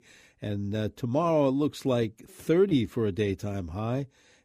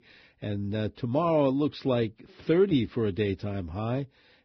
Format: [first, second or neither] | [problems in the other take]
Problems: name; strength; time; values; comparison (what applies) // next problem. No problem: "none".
first | garbled, watery; badly; nothing above 5 kHz